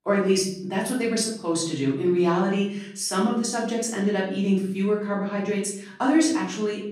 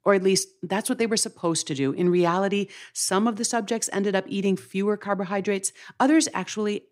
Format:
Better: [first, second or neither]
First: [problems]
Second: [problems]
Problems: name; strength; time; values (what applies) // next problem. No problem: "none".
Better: second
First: room echo; noticeable; dies away in 0.6 s // off-mic speech; far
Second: none